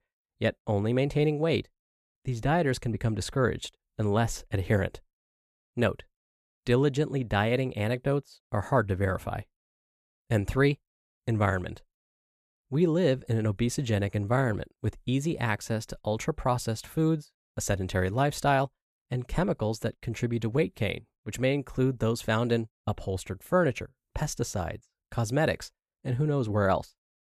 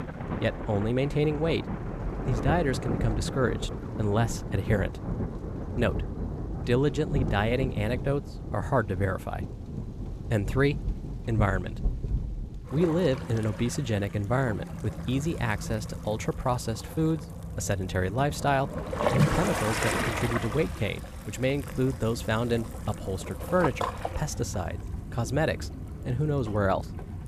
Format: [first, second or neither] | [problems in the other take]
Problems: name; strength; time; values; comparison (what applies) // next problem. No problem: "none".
first | rain or running water; loud; throughout; 5 dB below the speech